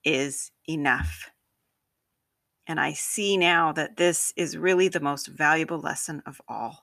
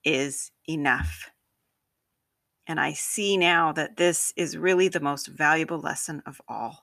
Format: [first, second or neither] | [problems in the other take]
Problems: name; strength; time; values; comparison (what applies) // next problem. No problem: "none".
neither | none